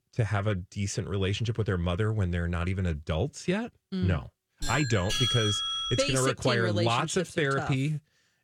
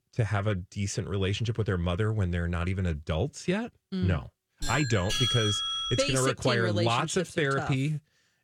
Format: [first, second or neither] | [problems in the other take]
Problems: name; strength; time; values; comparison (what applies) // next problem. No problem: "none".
neither | doorbell; loud; from 4.5 to 6 s; peak 2 dB above the speech; the same in both